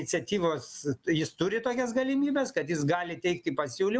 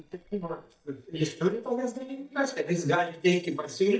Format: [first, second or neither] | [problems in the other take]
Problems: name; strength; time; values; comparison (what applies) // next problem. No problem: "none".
first | noise reduction (neural mask model DeepFilterNet 3)